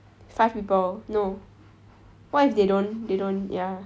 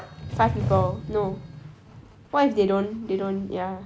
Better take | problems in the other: first | background sound (Sliding door); 7 dB below the speech

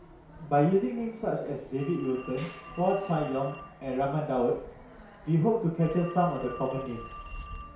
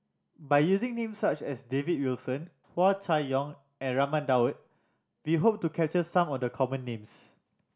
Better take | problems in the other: second | background sound (Telephone); 16 dB below the speech // room echo; dies away in 0.6 s

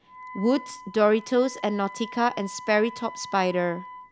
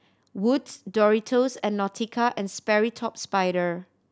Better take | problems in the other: second | background sound (Wind instrument, woodwind instrument); 16 dB below the speech

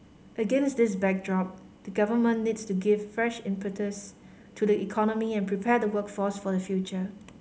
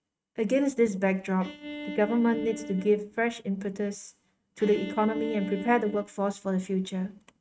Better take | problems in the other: first | noise reduction (neural mask model RNNoise)

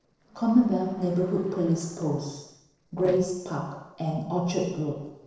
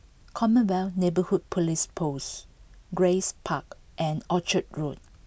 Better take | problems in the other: second | noise reduction (neural separator model SepFormer DNS4)

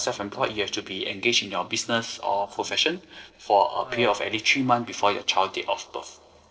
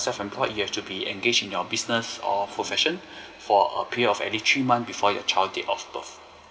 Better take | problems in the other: second | noise reduction (neural separator model SepFormer DNS4)

